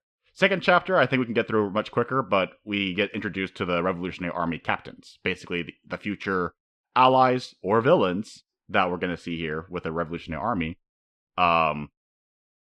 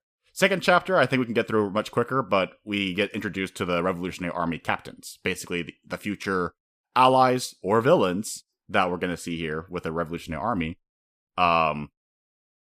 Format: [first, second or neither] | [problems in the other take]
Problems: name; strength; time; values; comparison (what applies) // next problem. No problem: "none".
second | muffled; very slightly; fading above 3 kHz